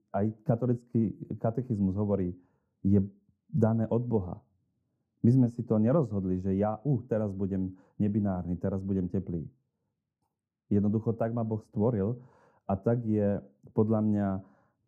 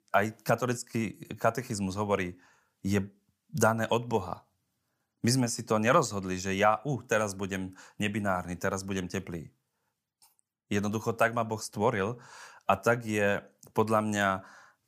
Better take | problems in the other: second | muffled; very; fading above 1 kHz

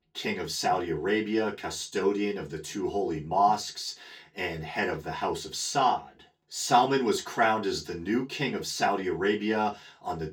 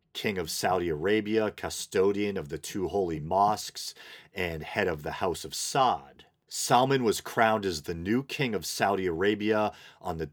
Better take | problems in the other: second | room echo; very slight; dies away in 0.2 s // off-mic speech; far

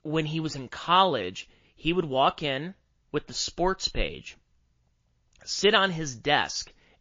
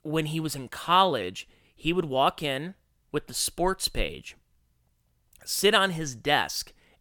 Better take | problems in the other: second | garbled, watery; slightly

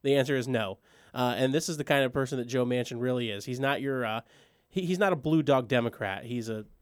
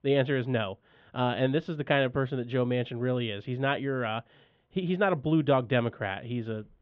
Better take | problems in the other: first | muffled; very; fading above 3.5 kHz

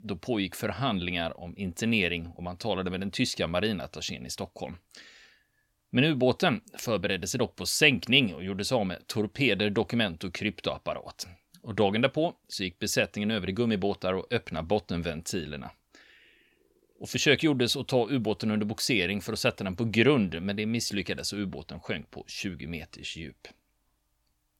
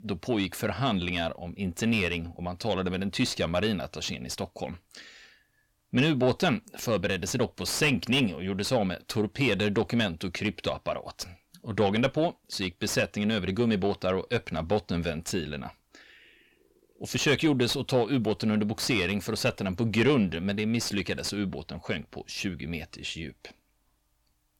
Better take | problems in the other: first | distortion; slight; 10 dB below the speech

